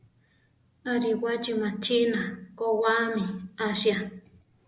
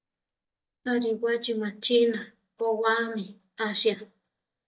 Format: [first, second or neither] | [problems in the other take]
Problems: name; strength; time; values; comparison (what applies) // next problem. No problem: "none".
first | noise reduction (neural mask model DeepFilterNet 3)